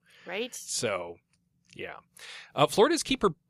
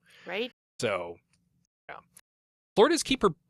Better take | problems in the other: first | audio cutting out; at 0.5 s, at 1.5 s and at 2 s for 0.5 s

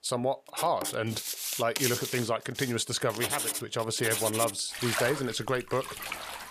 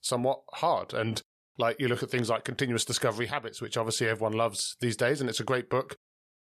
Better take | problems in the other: second | household noises; loud; throughout; 3 dB below the speech

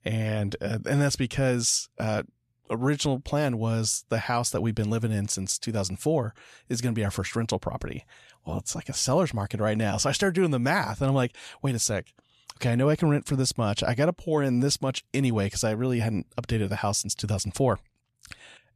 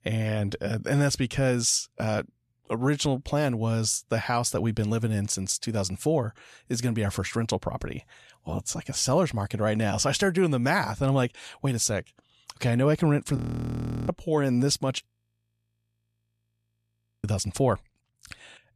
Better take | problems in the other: first | audio freezing; at 13 s for 0.5 s and at 15 s for 2 s

